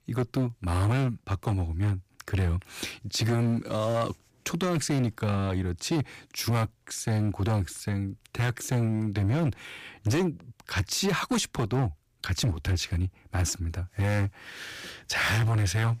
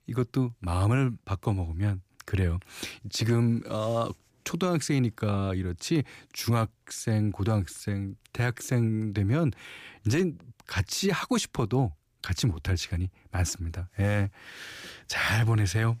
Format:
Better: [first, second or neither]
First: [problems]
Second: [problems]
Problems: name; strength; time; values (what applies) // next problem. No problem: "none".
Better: second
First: distortion; slight; 10% of the sound clipped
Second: none